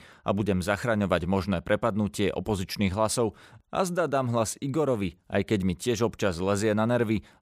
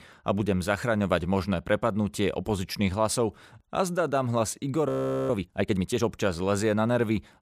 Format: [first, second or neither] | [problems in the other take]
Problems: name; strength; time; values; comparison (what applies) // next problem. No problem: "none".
first | audio freezing; at 5 s